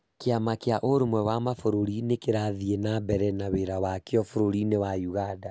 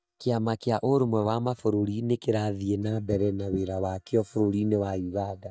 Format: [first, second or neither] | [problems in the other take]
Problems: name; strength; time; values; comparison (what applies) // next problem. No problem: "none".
first | noise reduction (neural mask model DeepFilterNet 3)